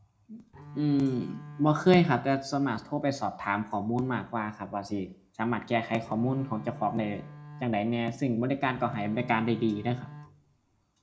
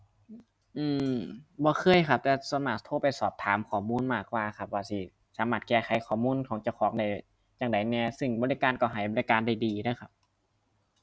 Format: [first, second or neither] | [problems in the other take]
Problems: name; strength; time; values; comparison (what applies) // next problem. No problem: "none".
second | background sound (Bowed string instrument); 16 dB below the speech // room echo; dies away in 0.3 s